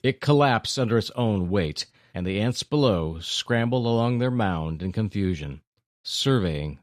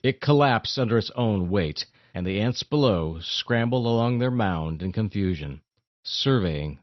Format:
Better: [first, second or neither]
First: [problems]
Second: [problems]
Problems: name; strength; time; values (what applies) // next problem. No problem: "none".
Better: first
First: none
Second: garbled, watery; slightly; nothing above 6 kHz